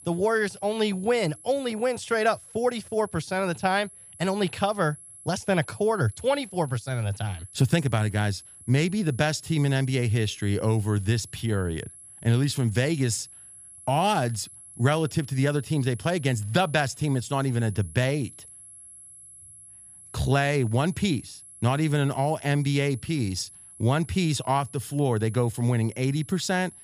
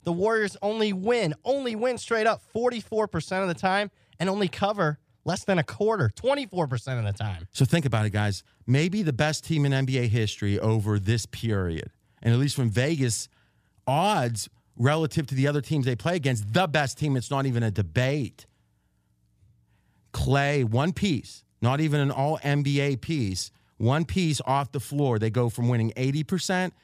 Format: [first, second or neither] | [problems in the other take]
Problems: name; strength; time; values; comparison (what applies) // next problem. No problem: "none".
second | high-pitched whine; noticeable; throughout; 11 kHz, 20 dB below the speech